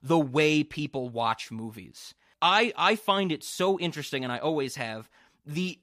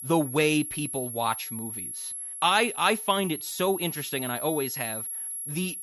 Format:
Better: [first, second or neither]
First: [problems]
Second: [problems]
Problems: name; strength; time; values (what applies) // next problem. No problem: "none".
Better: first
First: none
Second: high-pitched whine; loud; throughout; 11.5 kHz, 6 dB below the speech